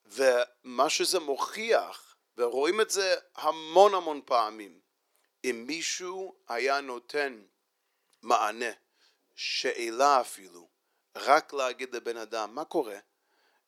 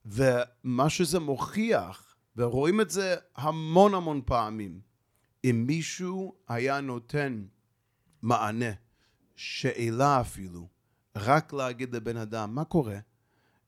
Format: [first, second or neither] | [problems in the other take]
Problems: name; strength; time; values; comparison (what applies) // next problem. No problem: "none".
second | thin; very; fading below 350 Hz